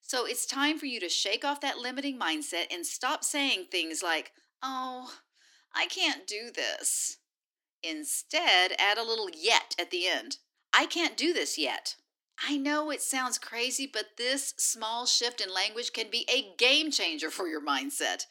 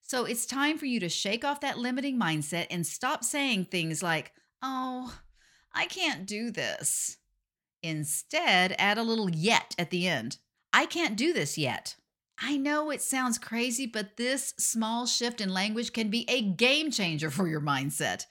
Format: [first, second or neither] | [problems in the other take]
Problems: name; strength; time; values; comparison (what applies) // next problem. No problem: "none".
second | thin; very slightly; fading below 300 Hz